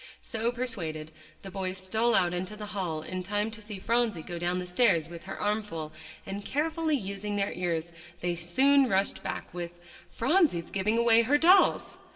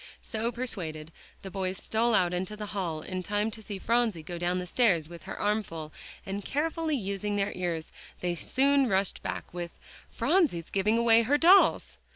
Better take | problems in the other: second | room echo; dies away in 0.6 s

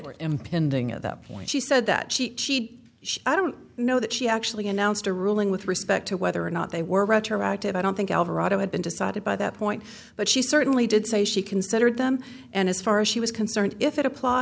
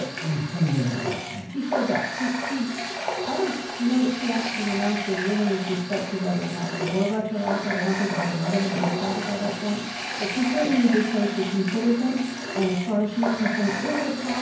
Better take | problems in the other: first | background sound (Water tap, faucet); 6 dB below the speech // room echo; dies away in 0.9 s

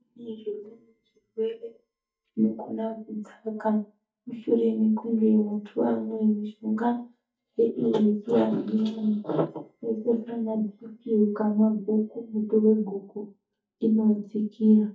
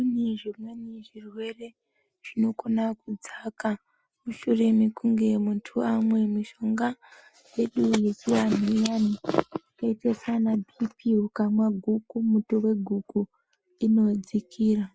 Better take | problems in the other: second | noise reduction (neural mask model DeepFilterNet 3)

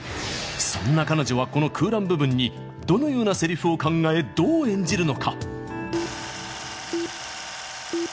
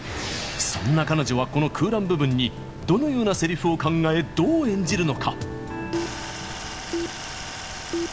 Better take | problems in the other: first | background sound (Water); 16 dB below the speech

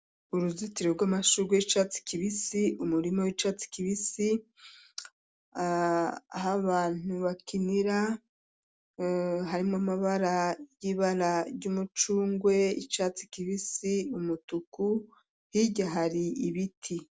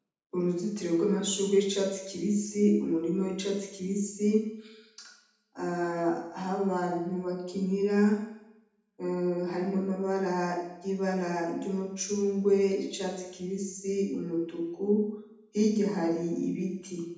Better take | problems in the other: first | room echo; dies away in 0.8 s

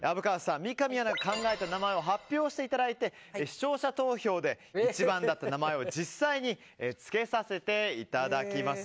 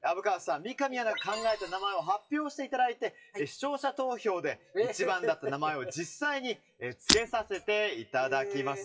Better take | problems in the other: first | noise reduction (classical method WPE with log-MMSE)

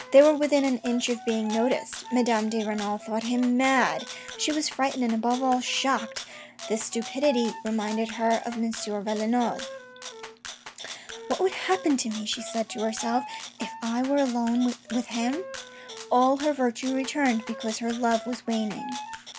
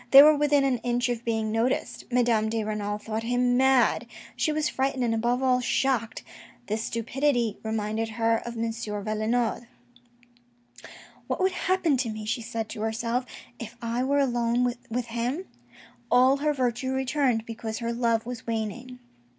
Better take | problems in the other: second | background sound (Rattle (instrument) + Wind instrument, woodwind instrument); 14 dB below the speech

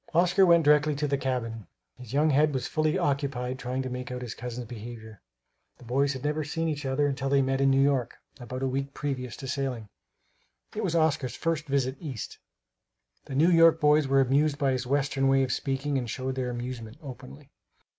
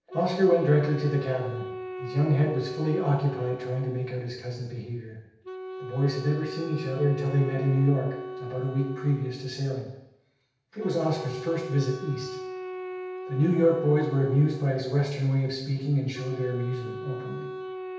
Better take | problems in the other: first | background sound (Wind instrument, woodwind instrument); 11 dB below the speech // room echo; dies away in 0.9 s

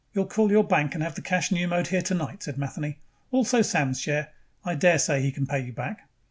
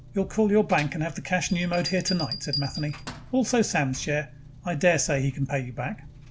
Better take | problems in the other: first | background sound (Bell + Engine); 13 dB below the speech

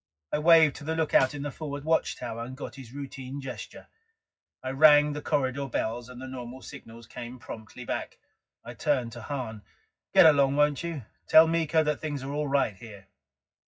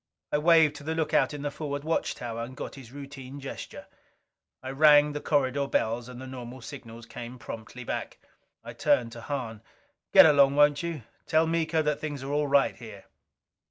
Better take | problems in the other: second | noise reduction (classical method WPE with log-MMSE)

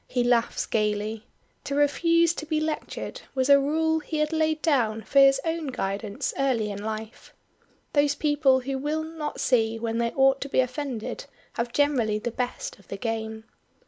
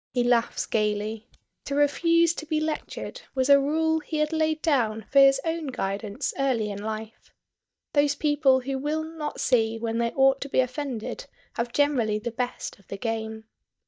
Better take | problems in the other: first | noise reduction (neural mask model DeepFilterNet 3)

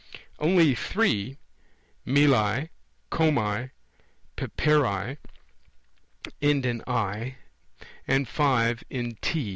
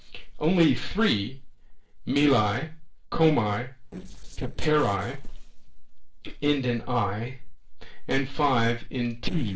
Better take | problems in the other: first | noise reduction (neural separator model SepFormer DNS4)

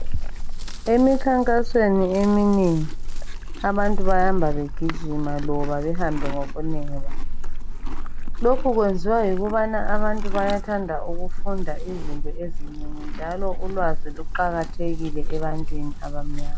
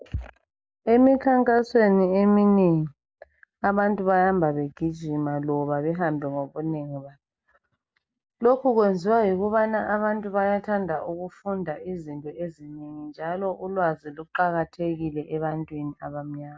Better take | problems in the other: second | background sound (Livestock, farm animals, working animals); 3 dB above the speech

